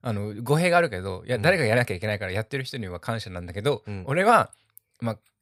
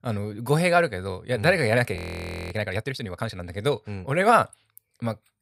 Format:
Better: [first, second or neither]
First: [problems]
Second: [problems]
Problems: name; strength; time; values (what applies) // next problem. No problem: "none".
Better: first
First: none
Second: audio freezing; at 2 s for 0.5 s